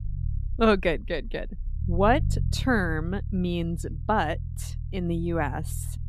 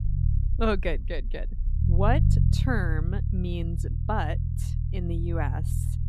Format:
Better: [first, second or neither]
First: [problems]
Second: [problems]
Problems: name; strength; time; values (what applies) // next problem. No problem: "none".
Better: first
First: low rumble; faint; throughout; 20 dB below the speech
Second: low rumble; loud; throughout; 9 dB below the speech